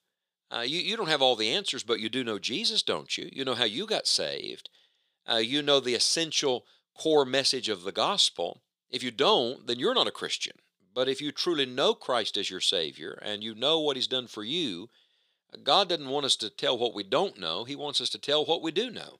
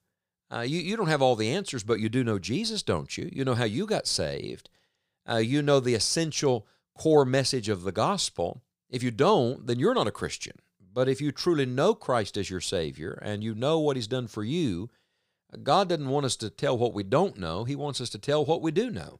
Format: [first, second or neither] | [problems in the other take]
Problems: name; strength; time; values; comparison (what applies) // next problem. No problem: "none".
second | thin; very slightly; fading below 300 Hz